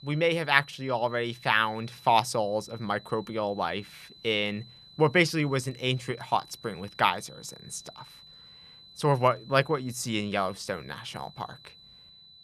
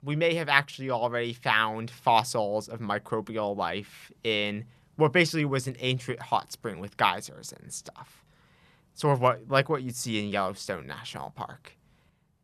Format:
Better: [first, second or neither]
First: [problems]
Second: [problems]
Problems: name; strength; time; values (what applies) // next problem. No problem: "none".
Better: second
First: high-pitched whine; faint; throughout; 4 kHz, 20 dB below the speech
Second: none